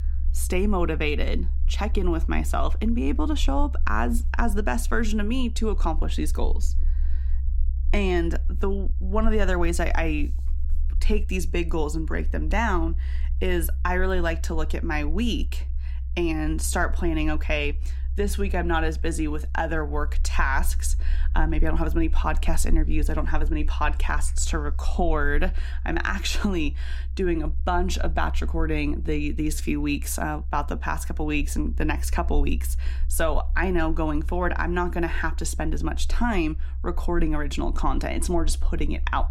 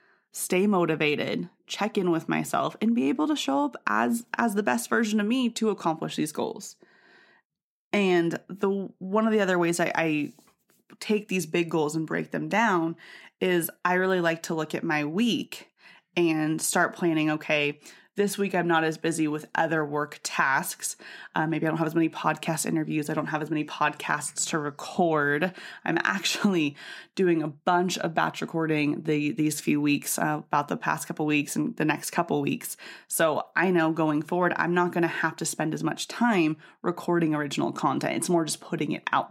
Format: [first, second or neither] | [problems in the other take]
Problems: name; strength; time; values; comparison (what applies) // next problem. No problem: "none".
second | low rumble; faint; throughout; 20 dB below the speech